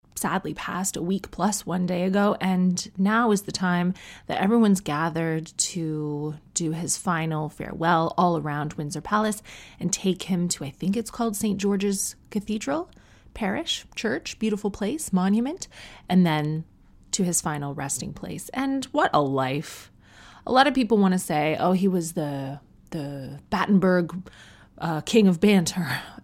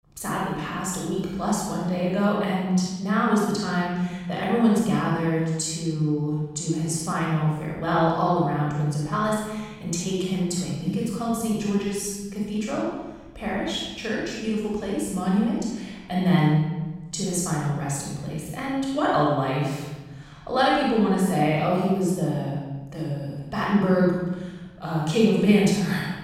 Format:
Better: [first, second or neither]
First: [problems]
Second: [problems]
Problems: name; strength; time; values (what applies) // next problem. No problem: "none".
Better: first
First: none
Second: room echo; strong; dies away in 1.1 s // off-mic speech; far